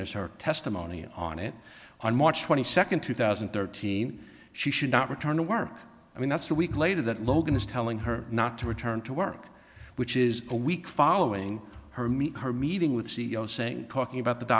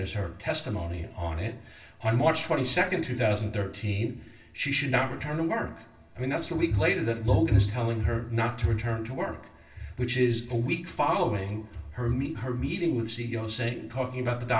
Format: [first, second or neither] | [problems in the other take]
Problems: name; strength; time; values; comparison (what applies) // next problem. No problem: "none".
first | room echo; dies away in 0.3 s